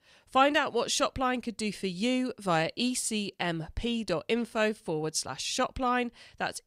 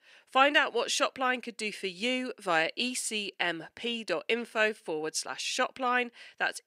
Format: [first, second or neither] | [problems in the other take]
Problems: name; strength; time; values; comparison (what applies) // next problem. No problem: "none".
first | thin; very slightly; fading below 350 Hz